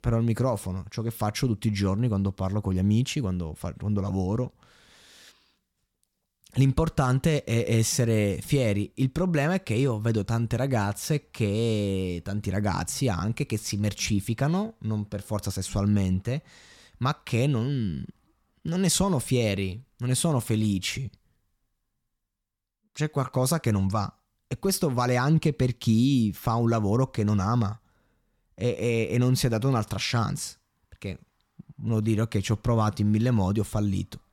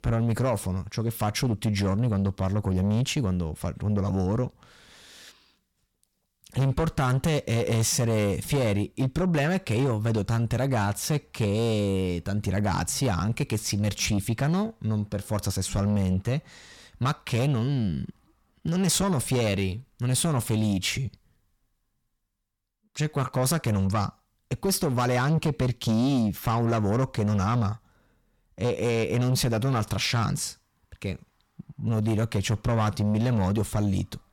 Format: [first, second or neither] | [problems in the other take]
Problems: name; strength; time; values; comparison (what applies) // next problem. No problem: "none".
first | distortion; slight; 10 dB below the speech